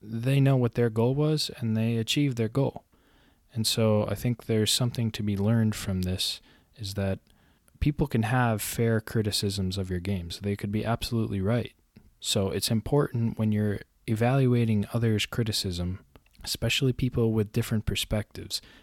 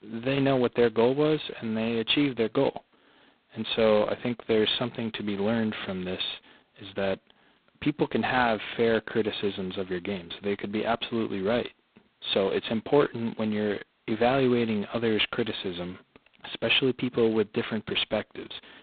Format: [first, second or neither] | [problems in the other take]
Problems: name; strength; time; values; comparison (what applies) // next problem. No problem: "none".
first | phone-call audio; poor line; nothing above 4 kHz